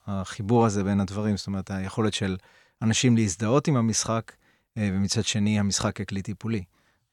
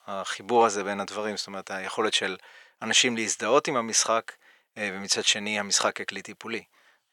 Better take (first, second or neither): first